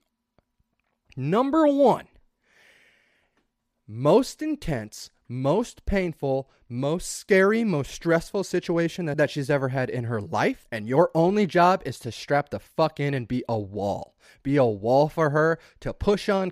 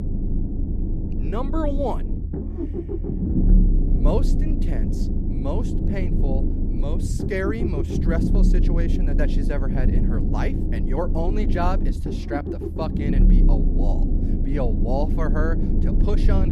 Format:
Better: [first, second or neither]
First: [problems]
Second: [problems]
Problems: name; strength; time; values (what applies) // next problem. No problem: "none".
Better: first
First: none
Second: low rumble; loud; throughout; 3 dB below the speech